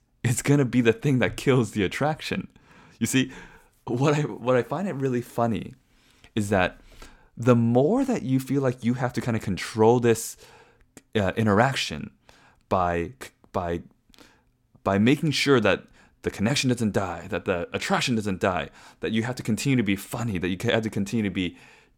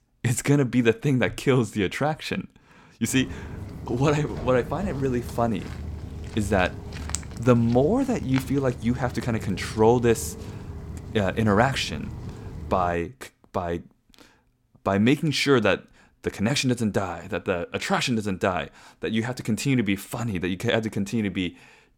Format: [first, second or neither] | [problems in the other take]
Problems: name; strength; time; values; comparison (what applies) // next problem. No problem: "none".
first | footsteps; noticeable; from 3 to 13 s; peak 7 dB below the speech